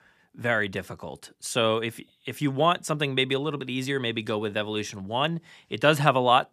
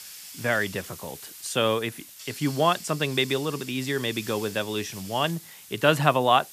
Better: first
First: none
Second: hiss; noticeable; throughout; 15 dB below the speech

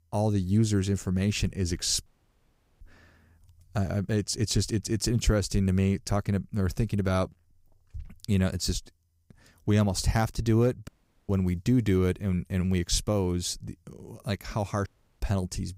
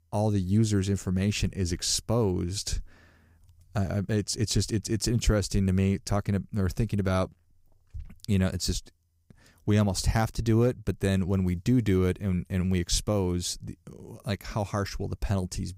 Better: second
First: audio cutting out; at 2 s for 1 s, at 11 s and at 15 s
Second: none

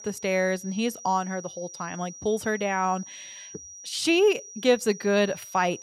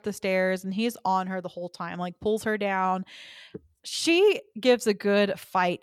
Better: second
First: high-pitched whine; noticeable; throughout; 6 kHz, 15 dB below the speech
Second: none

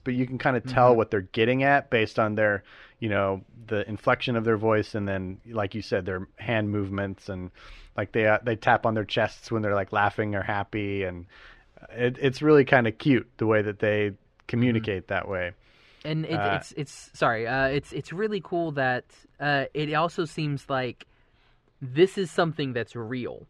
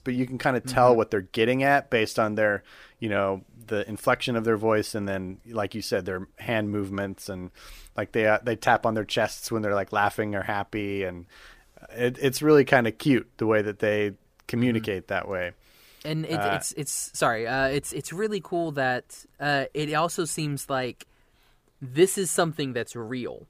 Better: second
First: muffled; slightly; fading above 3 kHz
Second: none

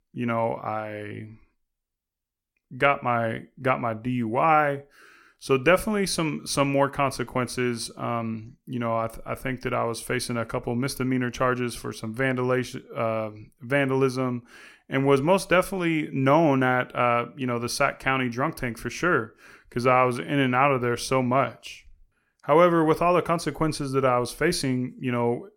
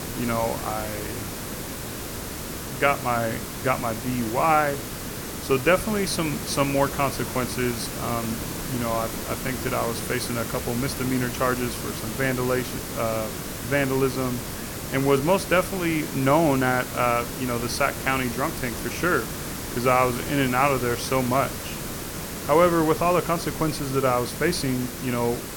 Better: first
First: none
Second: hiss; loud; throughout; 7 dB below the speech

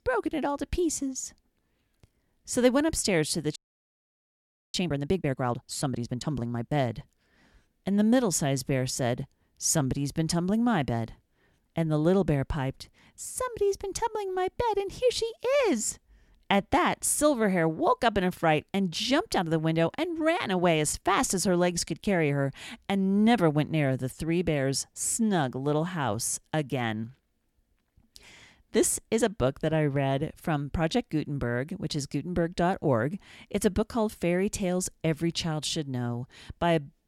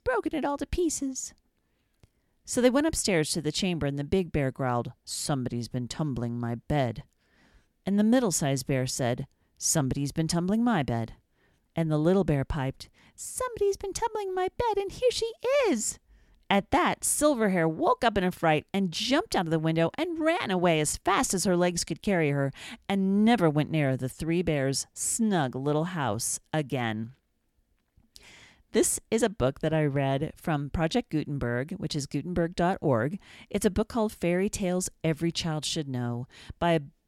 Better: second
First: audio freezing; at 3.5 s for 1 s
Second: none

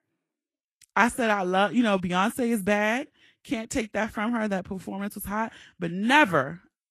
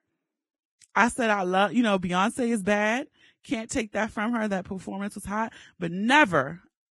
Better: first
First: garbled, watery; slightly; nothing above 12.5 kHz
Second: garbled, watery; badly; nothing above 10.5 kHz

